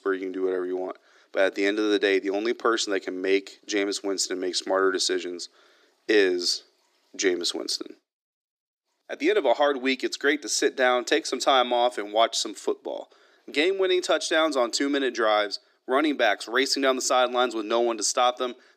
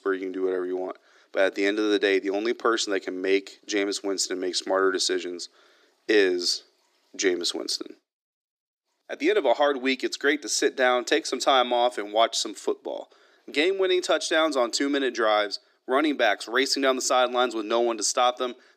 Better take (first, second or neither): neither